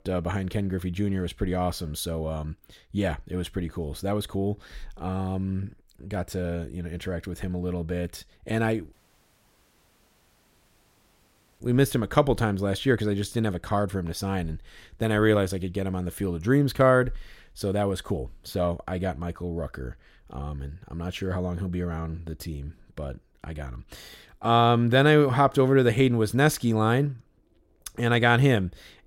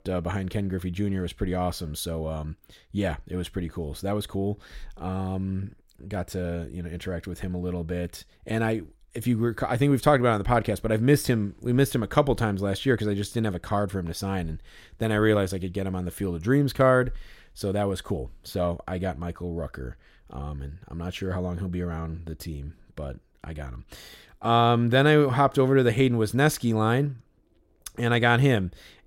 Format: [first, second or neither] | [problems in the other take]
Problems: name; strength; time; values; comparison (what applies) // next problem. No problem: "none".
second | audio cutting out; at 9 s for 2.5 s